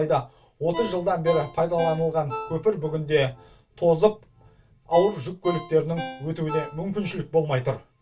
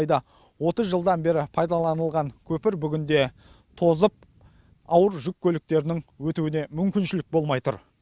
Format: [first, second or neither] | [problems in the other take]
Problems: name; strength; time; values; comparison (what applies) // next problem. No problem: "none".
second | background sound (Ringtone); 14 dB below the speech // room echo; dies away in 0.2 s